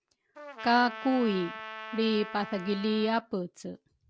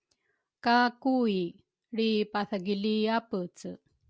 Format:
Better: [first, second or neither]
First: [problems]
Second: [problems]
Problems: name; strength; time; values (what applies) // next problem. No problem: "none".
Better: second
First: background sound (Trumpet); 13 dB below the speech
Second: none